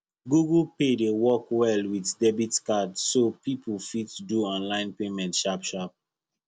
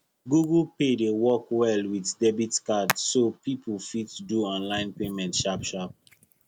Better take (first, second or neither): first